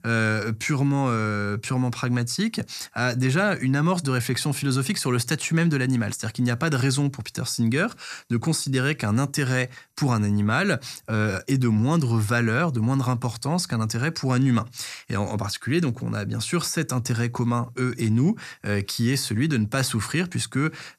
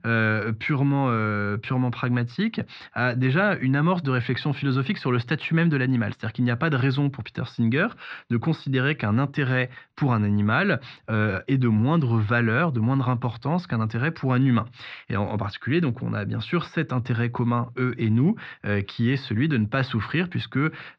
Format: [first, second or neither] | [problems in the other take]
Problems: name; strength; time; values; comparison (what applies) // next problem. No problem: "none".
first | muffled; very; fading above 3.5 kHz